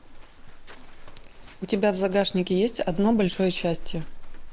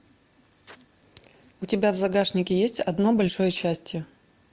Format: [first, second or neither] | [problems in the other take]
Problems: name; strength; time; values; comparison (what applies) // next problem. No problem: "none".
second | background sound (Livestock, farm animals, working animals); 10 dB below the speech